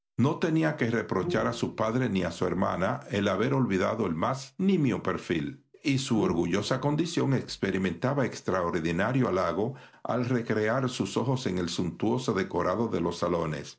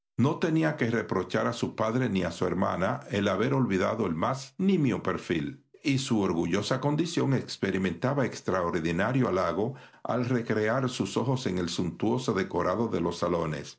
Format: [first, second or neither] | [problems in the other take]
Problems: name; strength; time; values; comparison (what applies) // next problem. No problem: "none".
second | background sound (Bowed string instrument); 12 dB below the speech